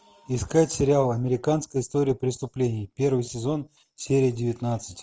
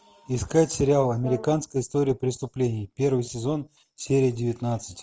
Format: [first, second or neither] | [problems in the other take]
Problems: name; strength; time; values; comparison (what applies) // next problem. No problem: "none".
first | background sound (Brass instrument); 19 dB below the speech